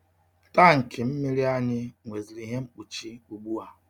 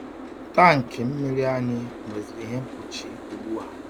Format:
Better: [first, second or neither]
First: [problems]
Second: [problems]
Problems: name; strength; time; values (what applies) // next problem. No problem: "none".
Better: first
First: none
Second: background sound (Boat, Water vehicle); 13 dB below the speech